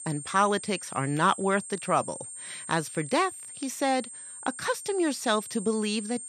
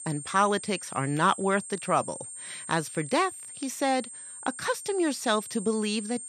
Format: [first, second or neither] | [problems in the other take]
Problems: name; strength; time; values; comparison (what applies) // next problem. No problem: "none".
neither | high-pitched whine; noticeable; throughout; 8.5 kHz, 10 dB below the speech; the same in both